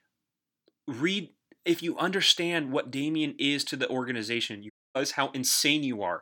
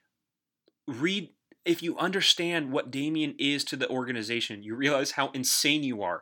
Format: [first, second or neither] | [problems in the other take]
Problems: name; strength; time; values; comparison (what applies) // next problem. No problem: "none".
second | audio cutting out; at 4.5 s